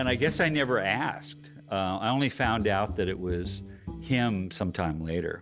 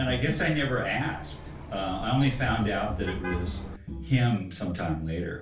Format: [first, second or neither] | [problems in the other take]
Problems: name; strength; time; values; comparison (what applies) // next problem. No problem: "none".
first | background sound (Car passing by); 11 dB below the speech // room echo; dies away in 0.3 s